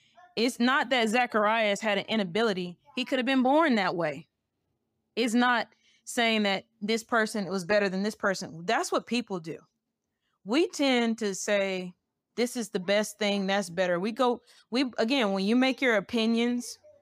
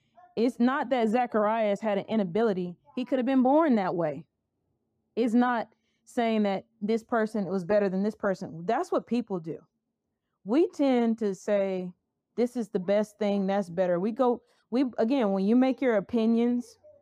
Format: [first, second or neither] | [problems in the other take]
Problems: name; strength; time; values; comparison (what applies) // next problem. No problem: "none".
first | muffled; slightly; fading above 1.5 kHz